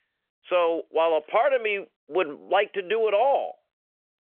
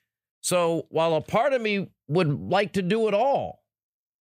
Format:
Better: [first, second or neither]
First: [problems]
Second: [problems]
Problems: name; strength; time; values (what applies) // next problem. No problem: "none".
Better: second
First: phone-call audio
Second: none